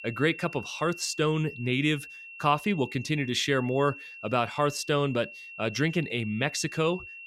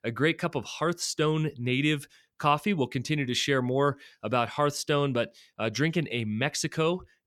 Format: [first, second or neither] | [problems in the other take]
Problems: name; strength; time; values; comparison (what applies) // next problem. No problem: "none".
second | high-pitched whine; noticeable; throughout; 2.5 kHz, 15 dB below the speech